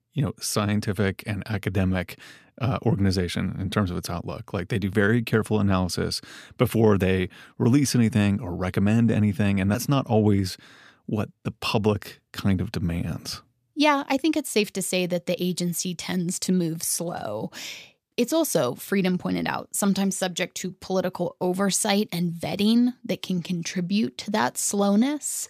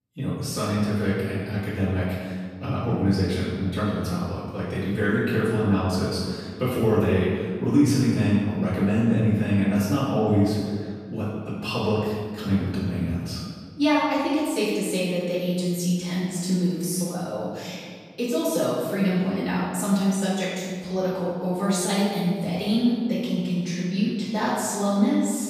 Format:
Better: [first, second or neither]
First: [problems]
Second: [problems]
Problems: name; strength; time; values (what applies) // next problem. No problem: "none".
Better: first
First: none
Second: room echo; strong; dies away in 1.6 s // off-mic speech; far